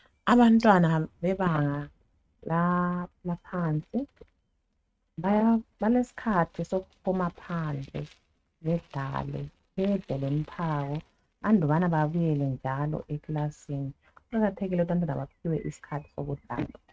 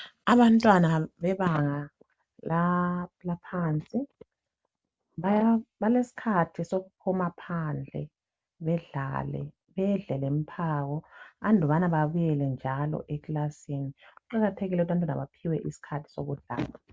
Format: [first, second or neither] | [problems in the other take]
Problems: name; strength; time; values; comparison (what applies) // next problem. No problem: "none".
second | noise reduction (neural mask model RNNoise)